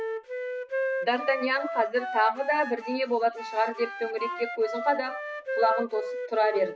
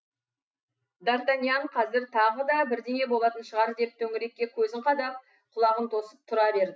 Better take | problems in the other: second | background sound (Wind instrument, woodwind instrument); 6 dB below the speech

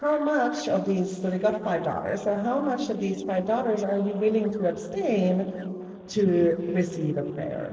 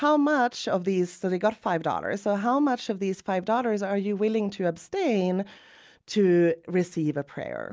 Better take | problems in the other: second | noise reduction (neural separator model SepFormer DNS4)

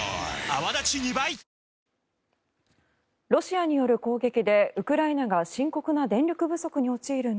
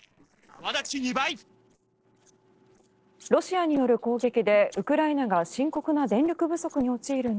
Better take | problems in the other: first | noise reduction (neural separator model SepFormer DNS4)

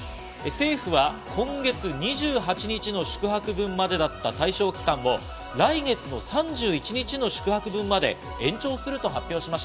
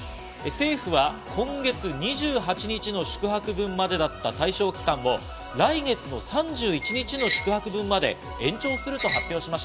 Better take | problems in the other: first | background sound (Squeak); 5 dB below the speech

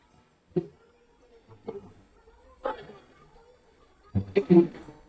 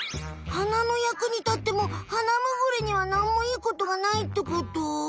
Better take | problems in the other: second | noise reduction (neural mask model DeepFilterNet 3)

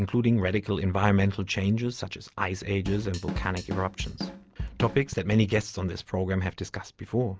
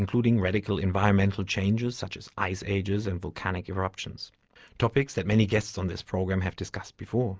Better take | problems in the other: second | background sound (Drum kit); 8 dB below the speech

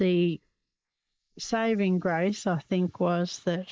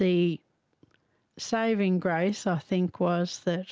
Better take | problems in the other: second | noise reduction (neural mask model Resemble Enhance denoiser)

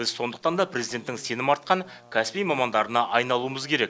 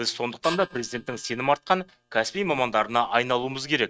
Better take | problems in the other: first | noise reduction (neural mask model RNNoise)

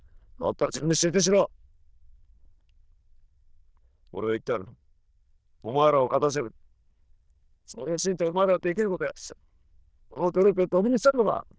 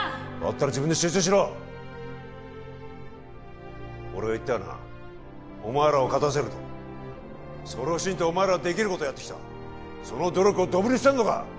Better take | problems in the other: second | noise reduction (neural diffusion model UNIVERSE++)

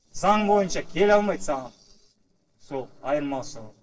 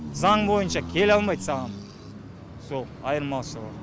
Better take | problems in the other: second | noise reduction (neural separator model SepFormer DNS4)

